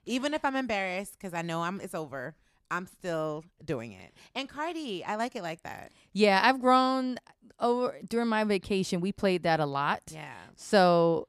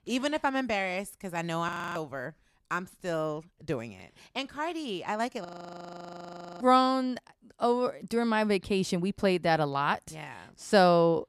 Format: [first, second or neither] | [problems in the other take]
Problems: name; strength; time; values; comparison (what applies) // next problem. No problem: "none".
first | audio freezing; at 1.5 s and at 5.5 s for 1 s